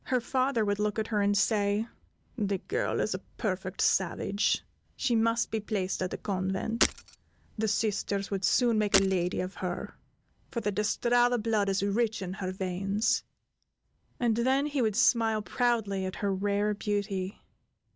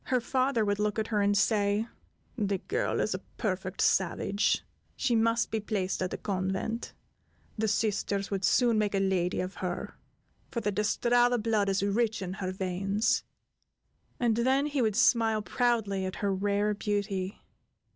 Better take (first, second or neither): second